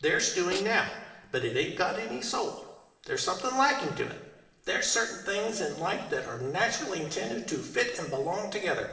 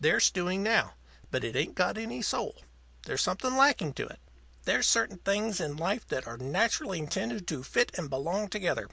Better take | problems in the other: second | noise reduction (neural separator model SepFormer DNS4)

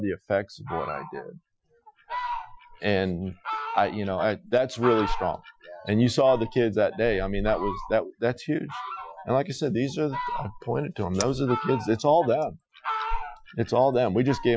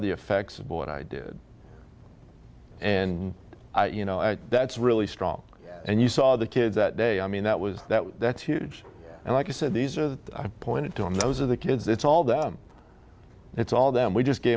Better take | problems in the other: second | noise reduction (classical method Wiener filter)

